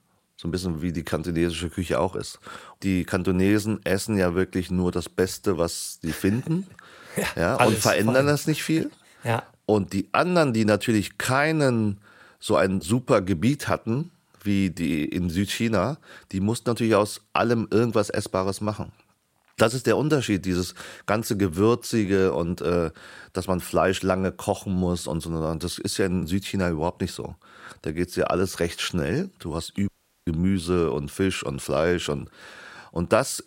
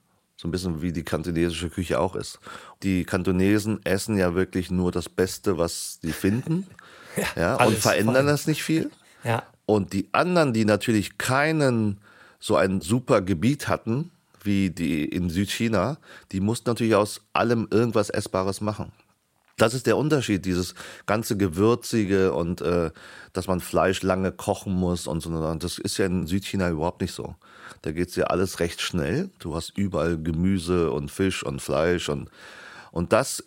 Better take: second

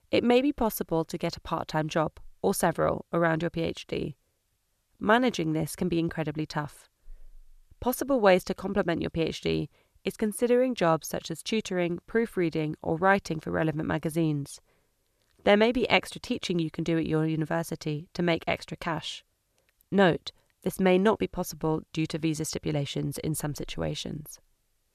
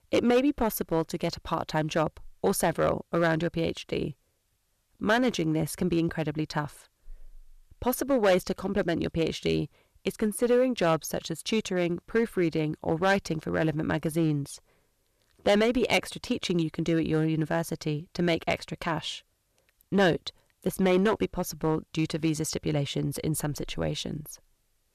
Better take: first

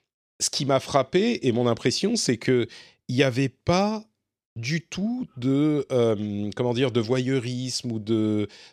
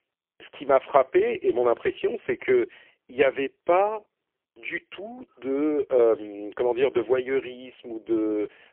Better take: first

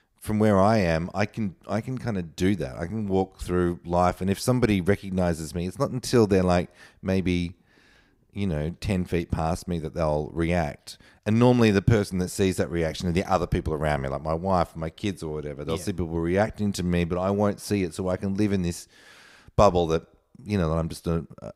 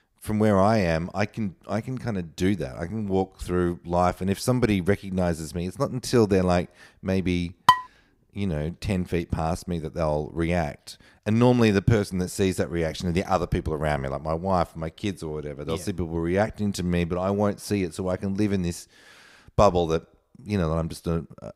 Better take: first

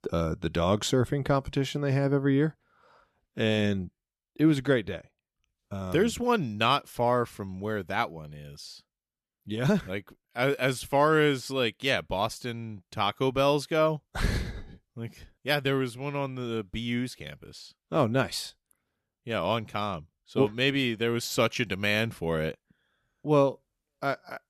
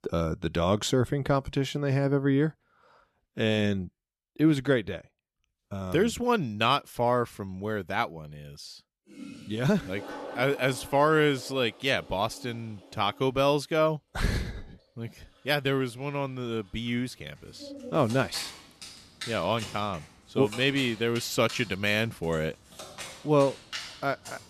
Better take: first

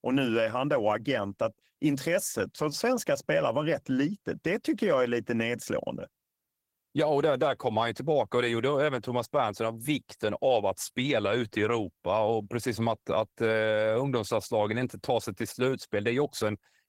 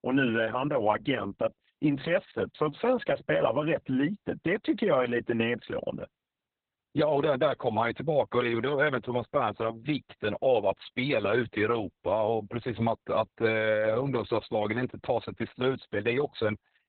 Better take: first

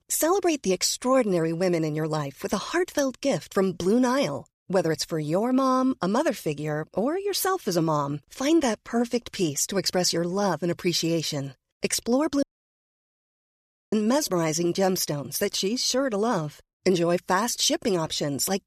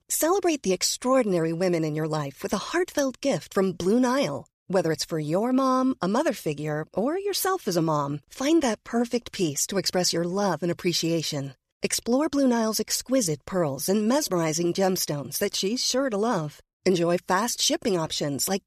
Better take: second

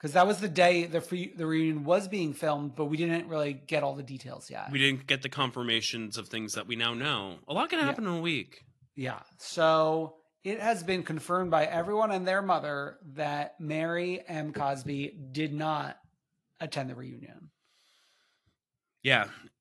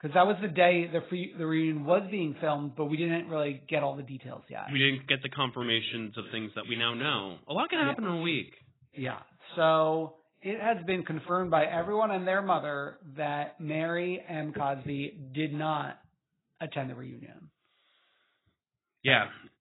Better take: first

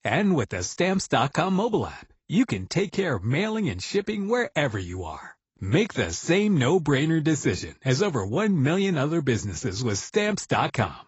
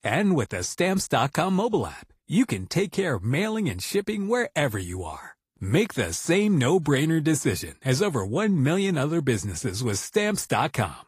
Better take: second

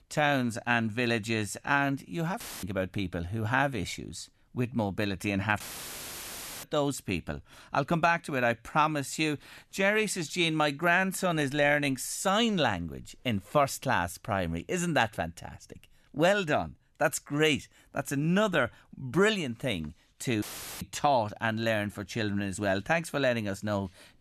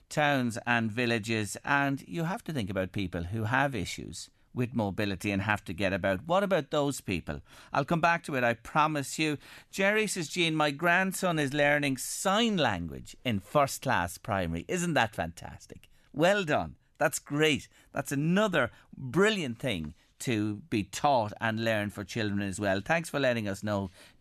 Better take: second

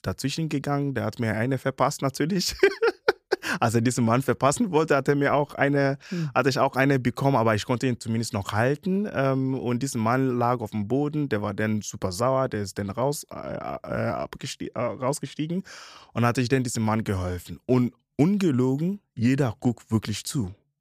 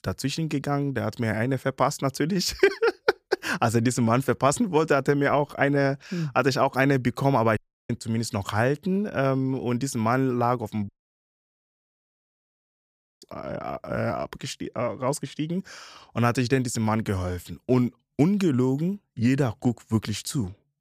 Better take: first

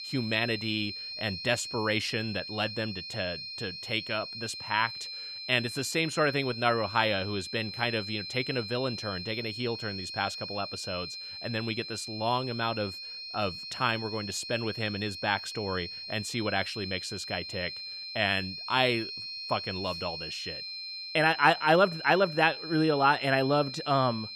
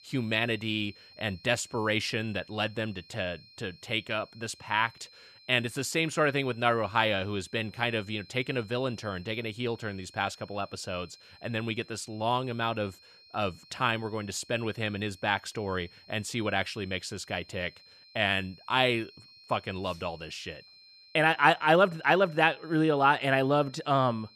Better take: second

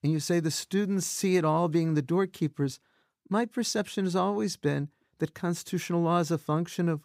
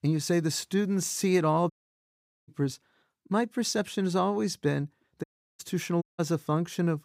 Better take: first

